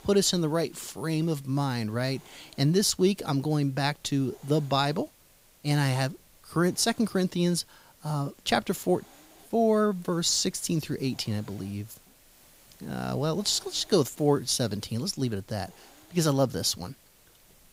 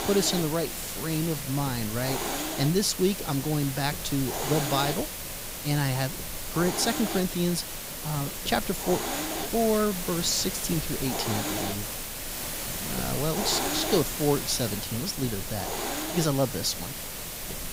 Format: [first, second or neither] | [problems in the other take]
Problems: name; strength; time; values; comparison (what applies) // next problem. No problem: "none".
first | hiss; loud; throughout; 3 dB below the speech; faint in the first